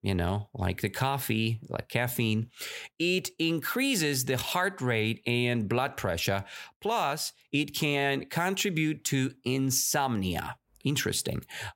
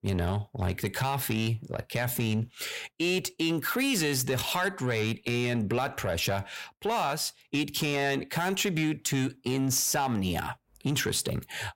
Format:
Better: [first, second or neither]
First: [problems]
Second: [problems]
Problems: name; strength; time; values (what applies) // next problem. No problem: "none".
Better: first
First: none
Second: distortion; slight; 10 dB below the speech